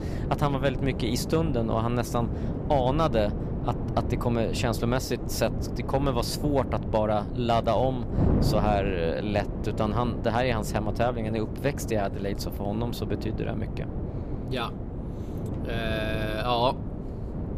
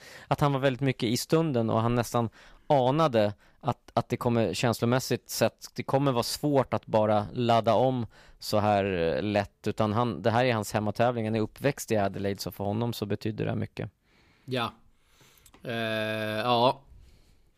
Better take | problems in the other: second | wind noise on the microphone; occasional gusts; 10 dB below the speech

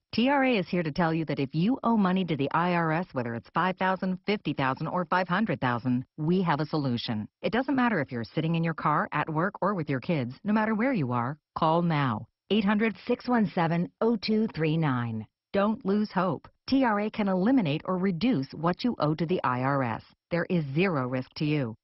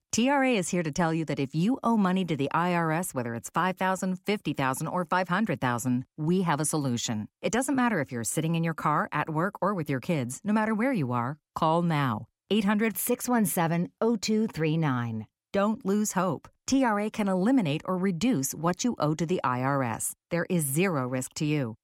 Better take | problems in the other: second | garbled, watery; badly; nothing above 5.5 kHz

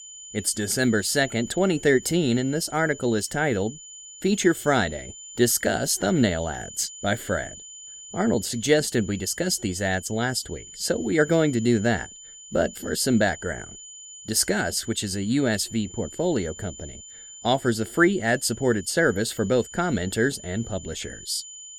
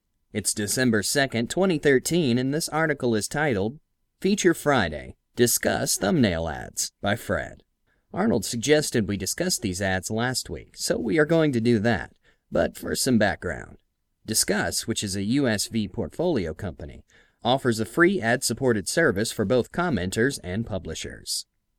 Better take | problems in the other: second | high-pitched whine; noticeable; throughout; 7 kHz, 15 dB below the speech

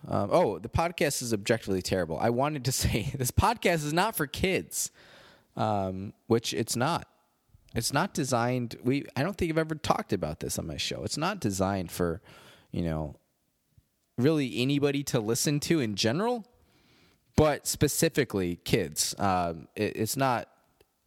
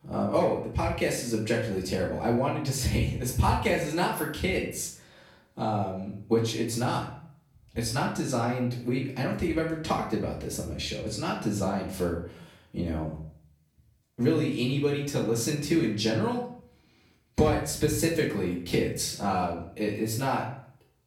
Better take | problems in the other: first | off-mic speech; far // room echo; noticeable; dies away in 0.5 s

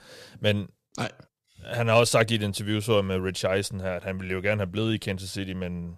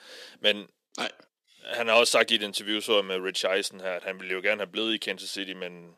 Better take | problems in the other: first | thin; somewhat; fading below 250 Hz

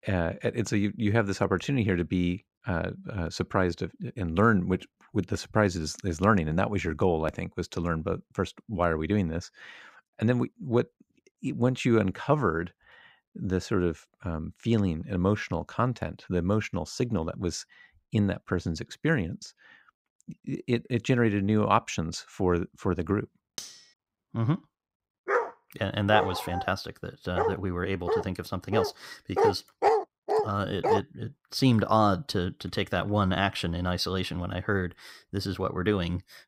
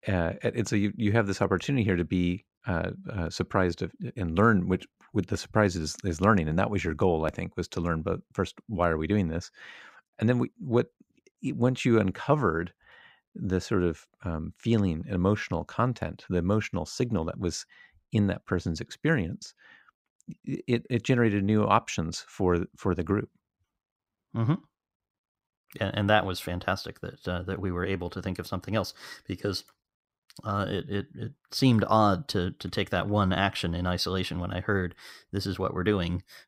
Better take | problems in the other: second | clattering dishes; faint; at 24 s; peak 10 dB below the speech // dog barking; loud; from 25 to 31 s; peak 3 dB above the speech

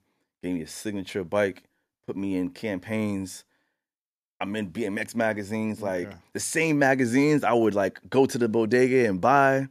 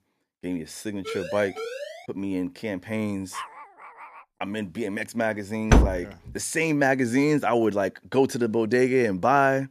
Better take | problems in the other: first | siren; noticeable; from 1 to 2 s; peak 9 dB below the speech // dog barking; faint; at 3.5 s; peak 10 dB below the speech // door banging; loud; at 5.5 s; peak 5 dB above the speech

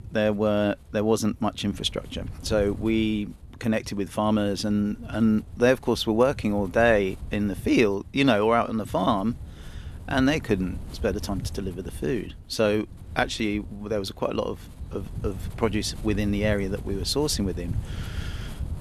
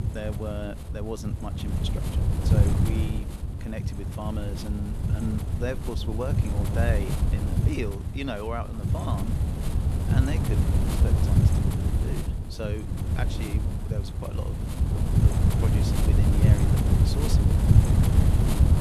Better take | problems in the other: first | wind noise on the microphone; heavy; 1 dB above the speech; occasional gusts in the first

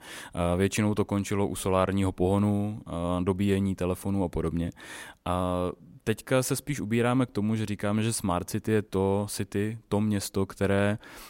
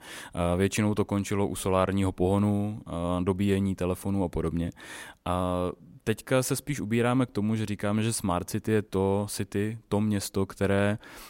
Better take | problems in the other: neither | none

